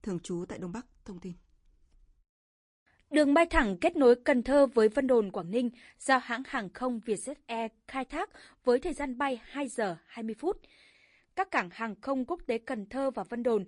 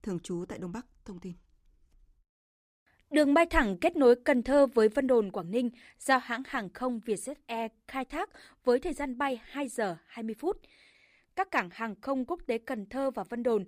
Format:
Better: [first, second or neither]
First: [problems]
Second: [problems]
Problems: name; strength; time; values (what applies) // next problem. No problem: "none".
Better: second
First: garbled, watery; slightly; nothing above 10.5 kHz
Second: none